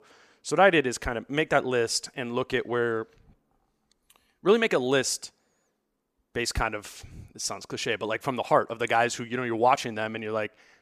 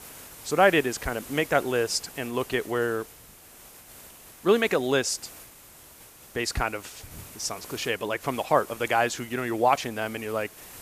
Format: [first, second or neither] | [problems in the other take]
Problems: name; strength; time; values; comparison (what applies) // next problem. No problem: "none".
first | hiss; noticeable; throughout; 20 dB below the speech